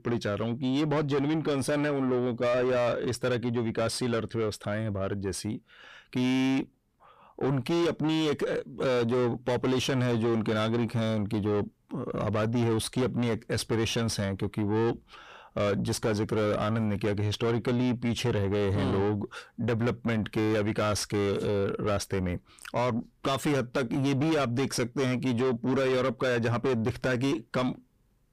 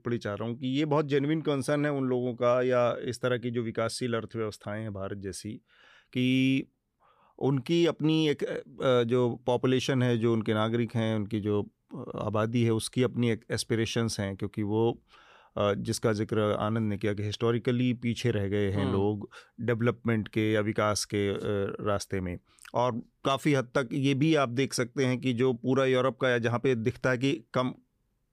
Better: second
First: distortion; heavy; 7 dB below the speech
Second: none

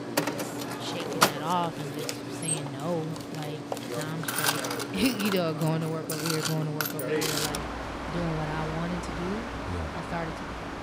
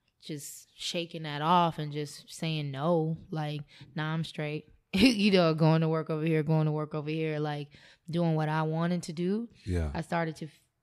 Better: second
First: machinery noise; very loud; throughout; 1 dB above the speech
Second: none

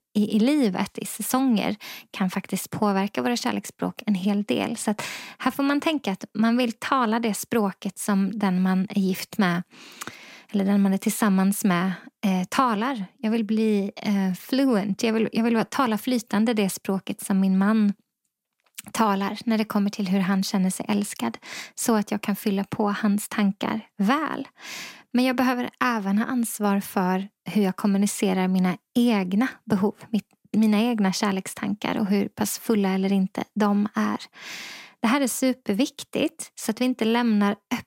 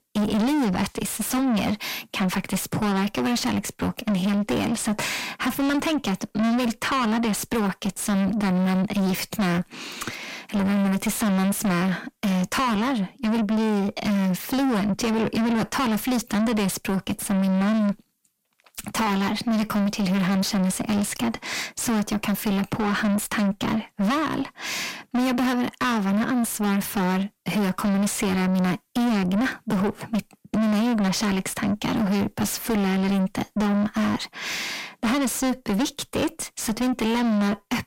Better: first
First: none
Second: distortion; heavy; 5 dB below the speech

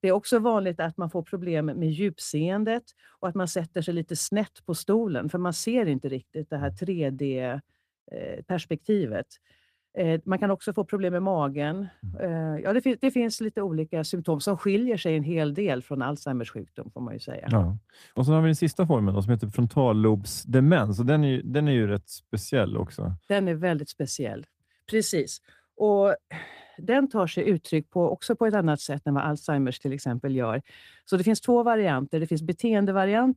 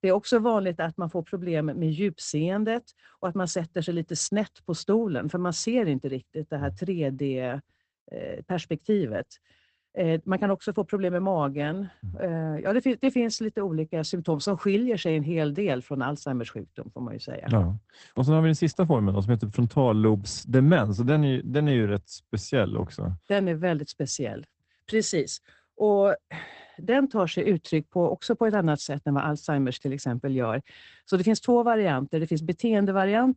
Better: first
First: garbled, watery; slightly; nothing above 14.5 kHz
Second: garbled, watery; badly; nothing above 8 kHz

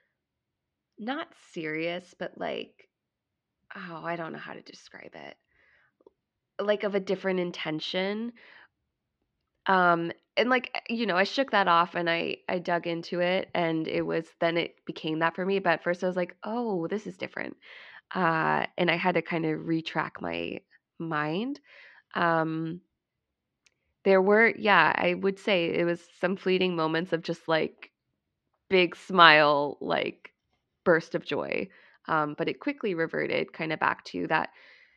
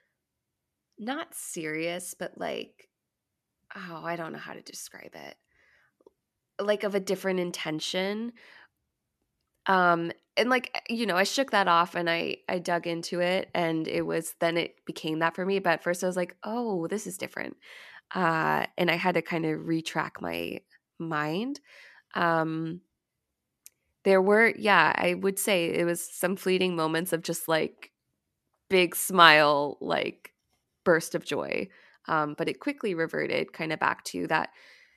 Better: second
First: muffled; very slightly; fading above 4.5 kHz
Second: none

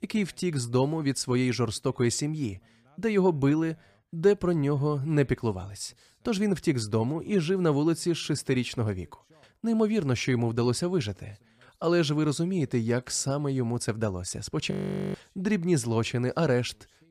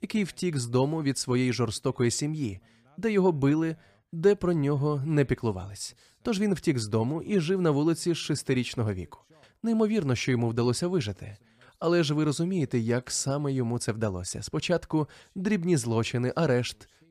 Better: second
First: audio freezing; at 15 s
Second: none

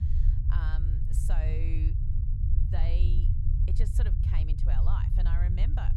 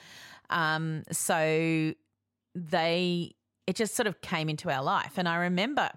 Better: second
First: low rumble; loud; throughout; 1 dB below the speech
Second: none

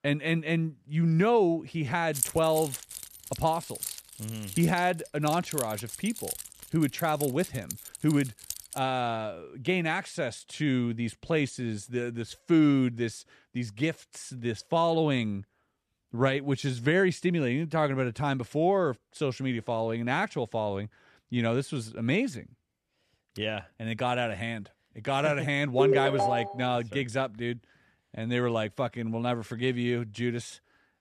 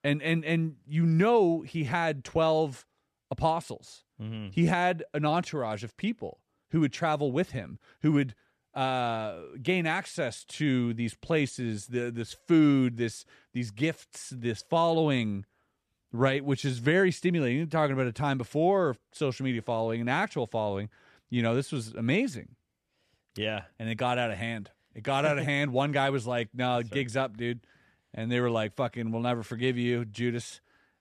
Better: second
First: jangling keys; noticeable; from 2 to 8.5 s; peak 1 dB below the speech // phone ringing; loud; at 26 s; peak 4 dB above the speech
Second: none

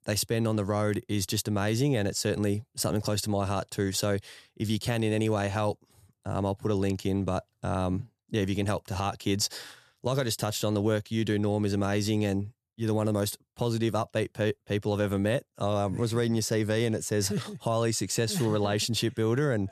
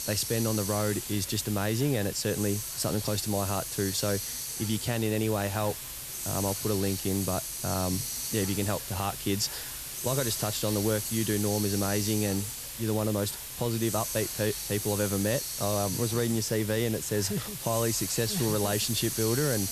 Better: first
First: none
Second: hiss; loud; throughout; 3 dB below the speech

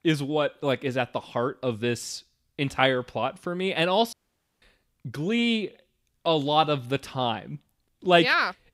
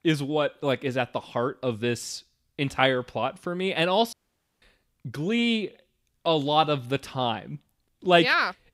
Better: neither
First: audio cutting out; at 4 s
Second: audio cutting out; at 4 s

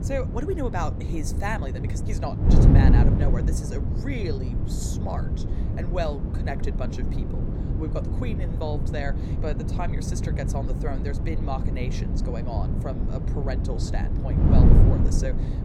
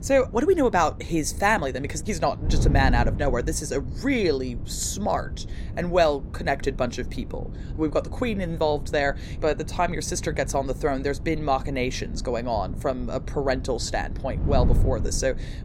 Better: second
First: wind noise on the microphone; heavy; 1 dB below the speech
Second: wind noise on the microphone; occasional gusts; 20 dB below the speech

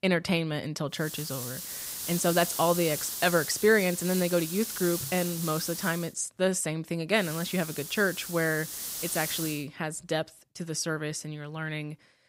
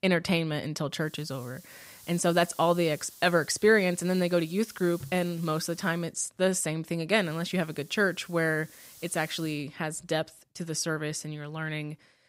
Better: second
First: hiss; loud; from 1 to 6 s and from 7 to 9.5 s; 5 dB below the speech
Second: hiss; faint; from 1 to 6 s and from 7 to 9.5 s; 20 dB below the speech

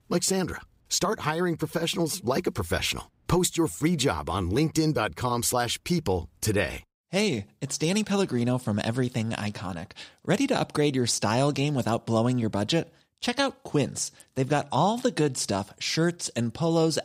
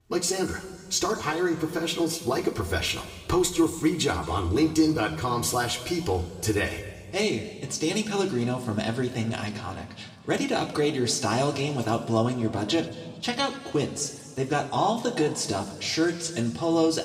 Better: first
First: none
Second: room echo; slight; dies away in 1.8 s // off-mic speech; somewhat distant

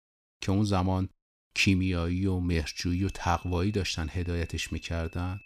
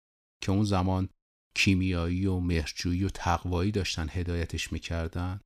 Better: second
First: high-pitched whine; faint; from 2.5 s on; 2.5 kHz, 20 dB below the speech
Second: none

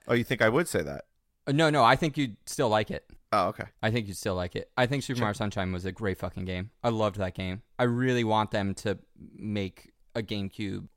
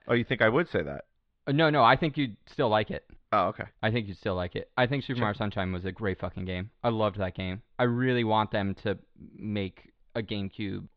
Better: first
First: none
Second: muffled; slightly; fading above 3.5 kHz

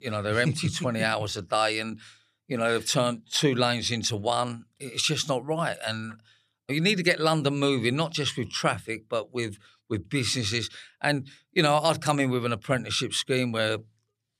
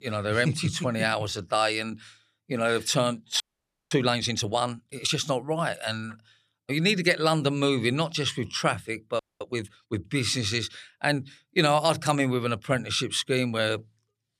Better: first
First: none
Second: audio freezing; at 3.5 s for 0.5 s and at 9 s

